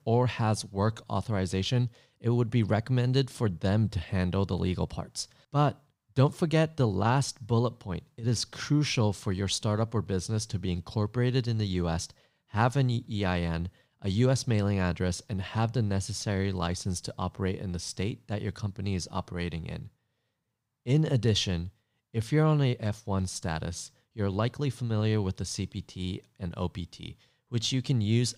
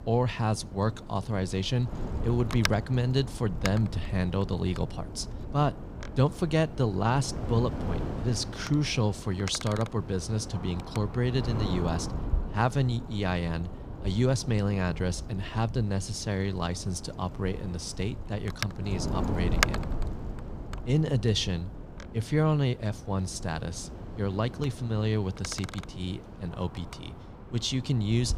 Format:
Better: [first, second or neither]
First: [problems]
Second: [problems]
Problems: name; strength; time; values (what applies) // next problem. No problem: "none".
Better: first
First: none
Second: wind noise on the microphone; heavy; 7 dB below the speech